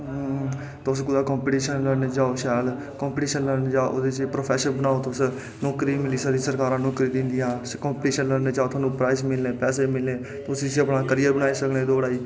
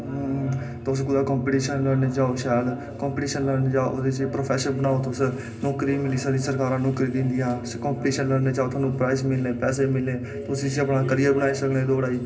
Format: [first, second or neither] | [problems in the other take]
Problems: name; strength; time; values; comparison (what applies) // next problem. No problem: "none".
first | background sound (Brass instrument); 16 dB below the speech // room echo; dies away in 0.4 s